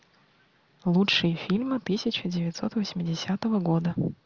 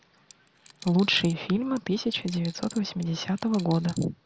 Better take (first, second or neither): first